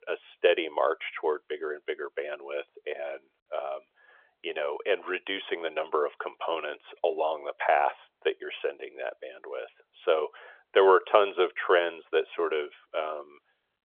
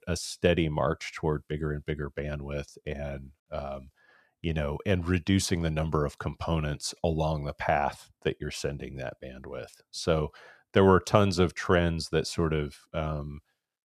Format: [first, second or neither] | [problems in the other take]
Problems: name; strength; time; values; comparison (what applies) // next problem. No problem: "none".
second | phone-call audio; nothing above 3.5 kHz